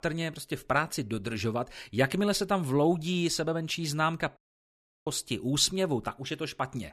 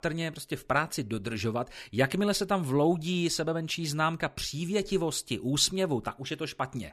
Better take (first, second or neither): second